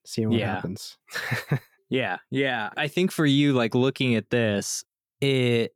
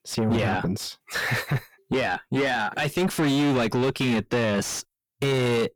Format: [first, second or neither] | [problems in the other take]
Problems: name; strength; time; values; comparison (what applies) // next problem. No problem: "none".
first | distortion; heavy; 6 dB below the speech